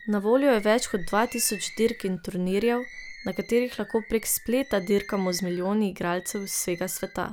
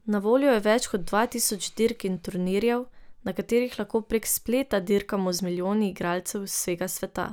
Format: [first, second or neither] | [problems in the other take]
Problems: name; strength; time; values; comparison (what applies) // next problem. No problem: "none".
second | background sound (Bird); 19 dB below the speech